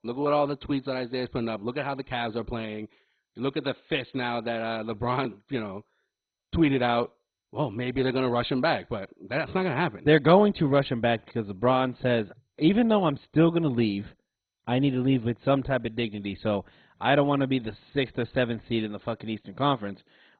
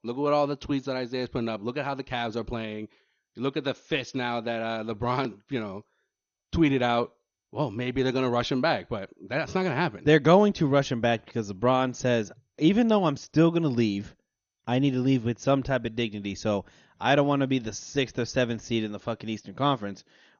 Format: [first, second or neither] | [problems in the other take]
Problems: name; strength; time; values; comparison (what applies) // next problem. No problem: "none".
second | garbled, watery; badly; nothing above 4 kHz; slightly in the second